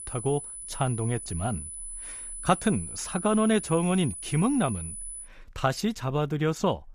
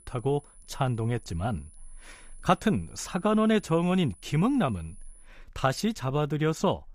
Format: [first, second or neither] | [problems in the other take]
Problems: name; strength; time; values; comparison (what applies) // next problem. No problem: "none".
second | high-pitched whine; loud; until 5 s; 10 kHz, 9 dB below the speech; faint in the second